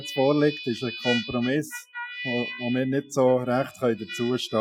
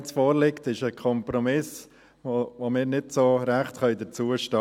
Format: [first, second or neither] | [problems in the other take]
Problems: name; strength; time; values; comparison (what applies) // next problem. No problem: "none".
second | noise reduction (classical method Wiener filter)